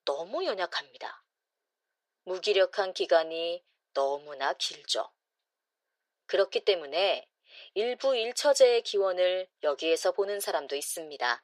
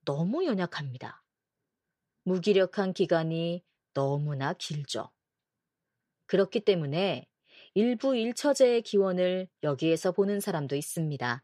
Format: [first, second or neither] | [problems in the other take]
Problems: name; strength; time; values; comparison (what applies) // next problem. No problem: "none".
second | thin; very; fading below 450 Hz